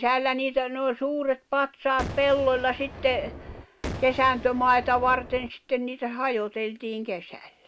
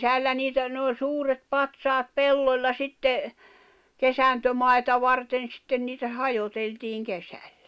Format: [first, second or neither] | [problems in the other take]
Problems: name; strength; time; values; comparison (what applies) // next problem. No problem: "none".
second | background sound (Boom); 12 dB below the speech